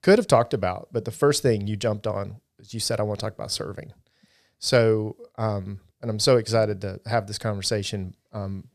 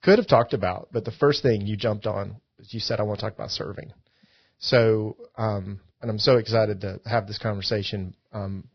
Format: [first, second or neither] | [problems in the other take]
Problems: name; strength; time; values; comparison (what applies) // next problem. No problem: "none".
first | garbled, watery; badly; nothing above 5.5 kHz